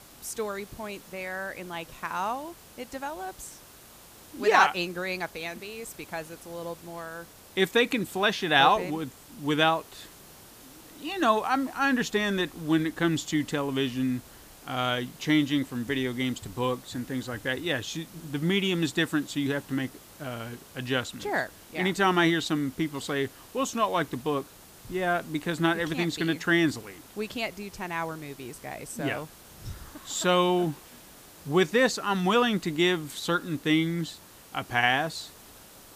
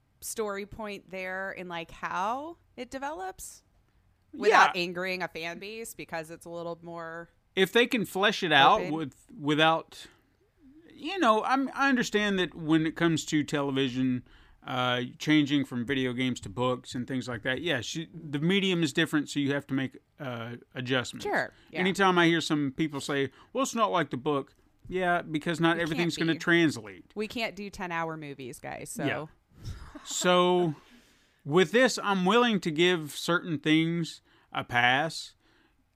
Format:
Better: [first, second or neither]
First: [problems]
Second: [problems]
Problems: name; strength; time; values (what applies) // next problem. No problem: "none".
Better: second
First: hiss; faint; throughout; 20 dB below the speech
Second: none